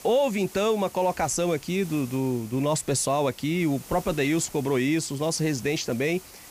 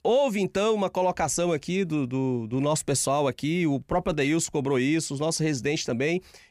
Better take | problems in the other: second | hiss; noticeable; throughout; 20 dB below the speech

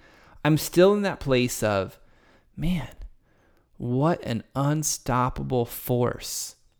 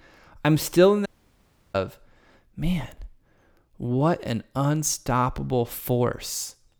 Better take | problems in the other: first | audio cutting out; at 1 s for 0.5 s

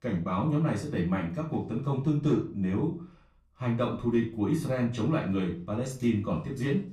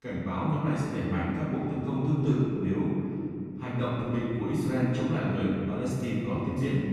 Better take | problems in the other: first | room echo; strong; dies away in 2.5 s; slight in the first // off-mic speech; far; far in the first

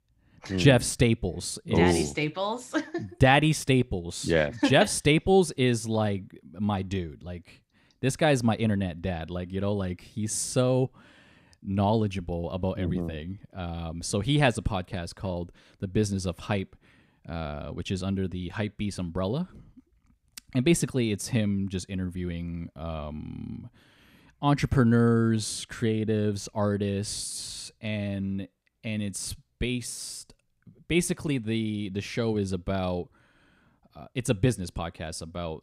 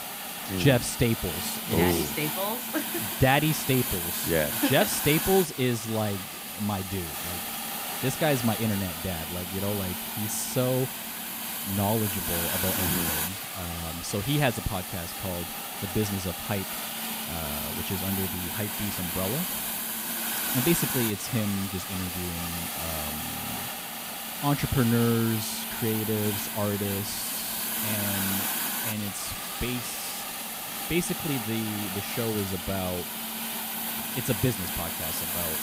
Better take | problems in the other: first | hiss; loud; throughout; 1 dB below the speech

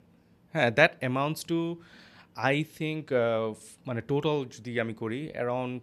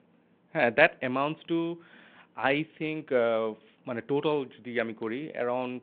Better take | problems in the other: first | phone-call audio; nothing above 3.5 kHz

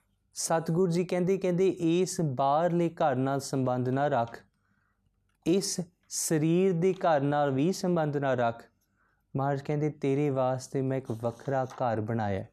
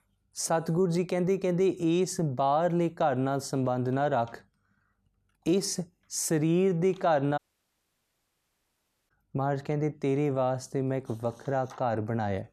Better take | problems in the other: first | audio cutting out; at 7.5 s for 1.5 s

